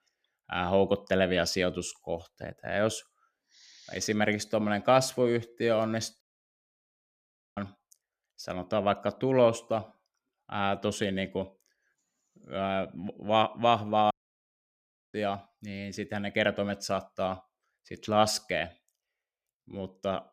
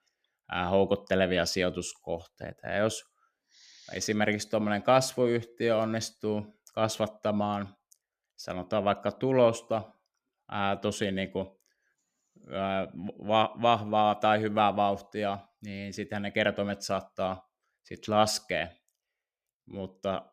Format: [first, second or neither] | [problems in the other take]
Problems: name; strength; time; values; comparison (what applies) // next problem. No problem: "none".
second | audio cutting out; at 6 s for 1.5 s and at 14 s for 1 s